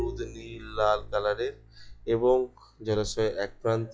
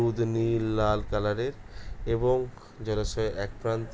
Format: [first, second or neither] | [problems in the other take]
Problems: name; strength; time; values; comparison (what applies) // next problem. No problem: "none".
second | noise reduction (classical method log-MMSE)